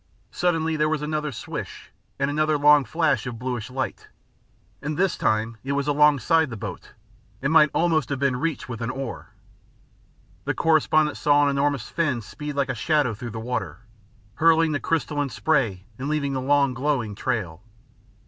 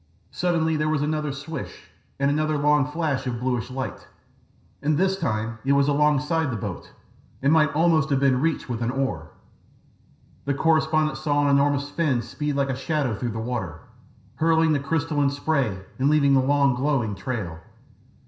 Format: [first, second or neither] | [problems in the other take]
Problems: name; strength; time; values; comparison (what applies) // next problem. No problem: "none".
first | room echo; dies away in 0.5 s